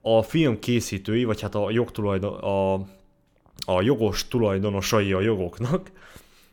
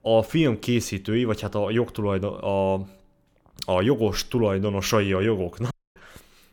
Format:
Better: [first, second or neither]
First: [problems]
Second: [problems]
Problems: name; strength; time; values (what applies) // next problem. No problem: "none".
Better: first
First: none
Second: audio cutting out; at 5.5 s